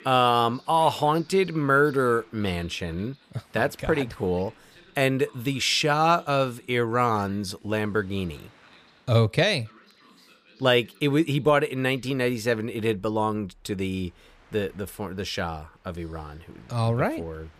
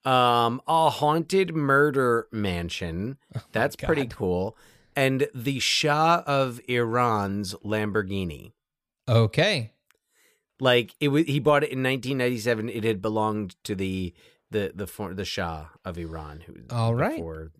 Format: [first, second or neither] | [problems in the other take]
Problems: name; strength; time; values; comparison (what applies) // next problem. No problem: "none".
second | train or aircraft noise; faint; throughout; 30 dB below the speech